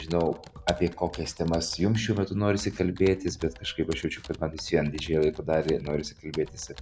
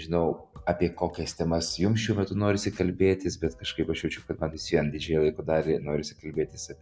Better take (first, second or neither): second